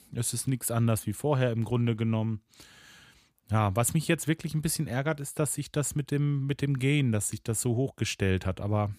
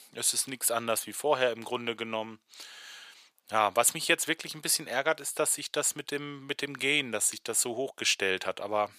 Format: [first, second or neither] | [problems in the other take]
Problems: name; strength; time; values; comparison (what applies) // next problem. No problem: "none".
first | thin; very; fading below 600 Hz